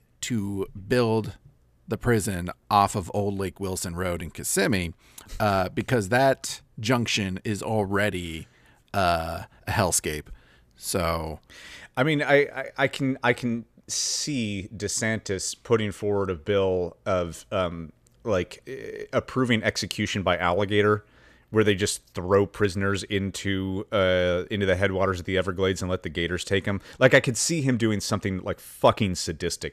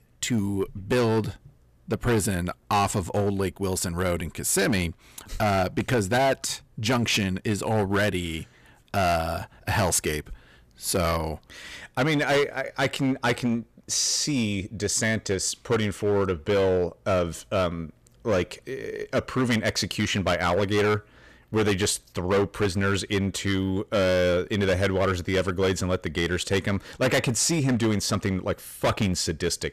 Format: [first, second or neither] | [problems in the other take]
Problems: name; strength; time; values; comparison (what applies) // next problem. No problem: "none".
first | distortion; heavy; 10% of the sound clipped